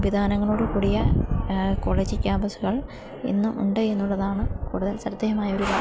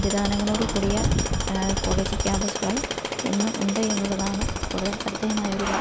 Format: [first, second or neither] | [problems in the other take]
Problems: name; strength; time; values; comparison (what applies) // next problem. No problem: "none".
first | background sound (Tools); 5 dB below the speech